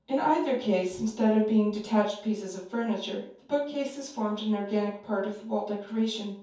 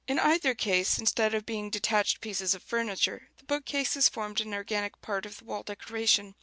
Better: second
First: room echo; dies away in 0.6 s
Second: none

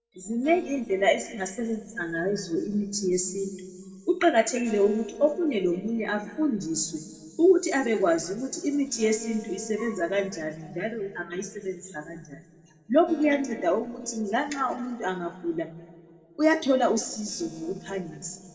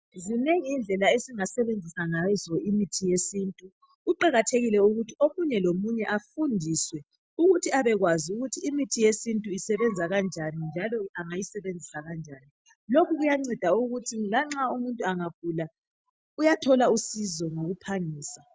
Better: second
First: noise reduction (neural separator model SepFormer DNS4)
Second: none

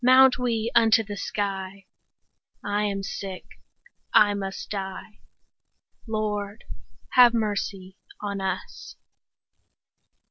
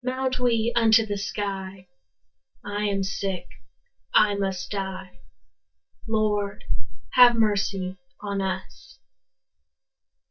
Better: first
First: none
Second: noise reduction (neural mask model DeepFilterNet 3)

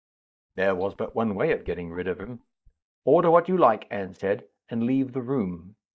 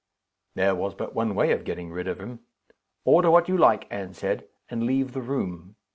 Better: second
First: noise reduction (neural mask model DeepFilterNet 3)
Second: none

